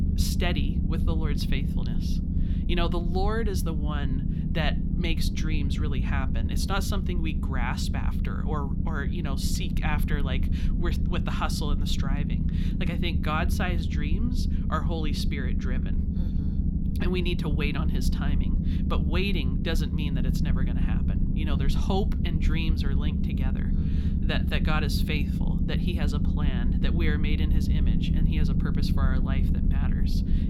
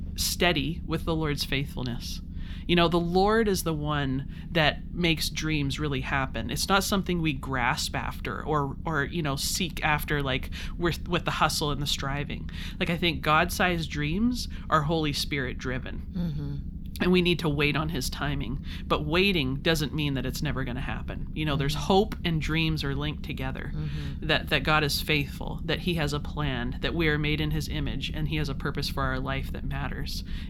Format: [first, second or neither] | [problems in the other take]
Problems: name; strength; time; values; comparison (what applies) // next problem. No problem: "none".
second | low rumble; loud; throughout; 4 dB below the speech; faint in the second